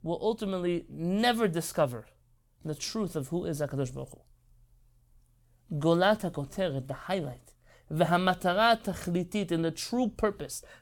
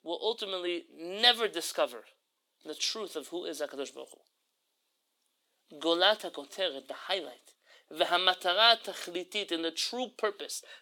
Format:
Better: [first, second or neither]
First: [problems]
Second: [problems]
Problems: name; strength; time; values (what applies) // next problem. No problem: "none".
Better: first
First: none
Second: thin; very; fading below 300 Hz